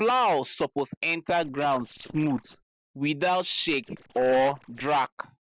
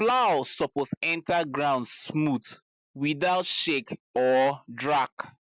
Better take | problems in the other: second | noise reduction (neural separator model SepFormer DNS4)

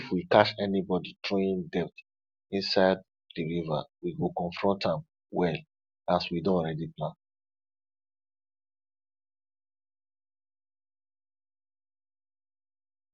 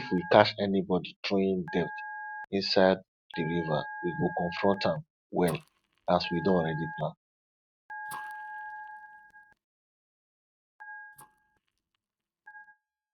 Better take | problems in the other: first | noise reduction (neural mask model RNNoise)

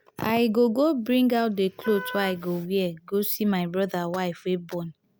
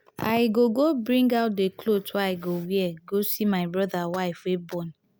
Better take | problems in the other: second | background sound (Wind instrument, woodwind instrument); 14 dB below the speech

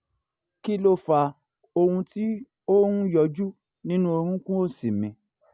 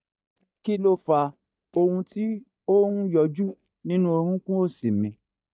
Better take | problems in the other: first | noise reduction (neural mask model DeepFilterNet 3)

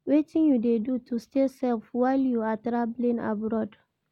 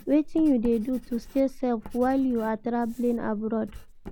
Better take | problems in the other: first | background sound (Writing); 16 dB below the speech

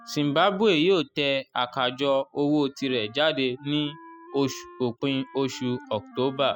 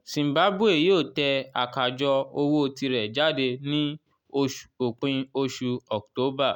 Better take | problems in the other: second | noise reduction (classical method spectral subtraction)

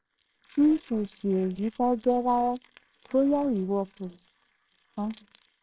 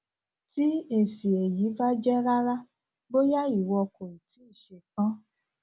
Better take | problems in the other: second | noise reduction (neural separator model SepFormer WHAMR!)

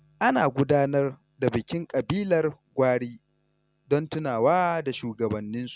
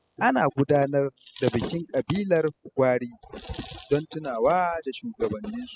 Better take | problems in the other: first | noise reduction (classical method spectral subtraction)

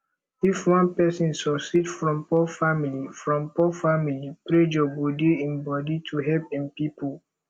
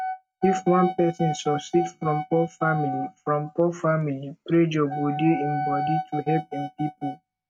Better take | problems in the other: first | noise reduction (neural mask model RNNoise)

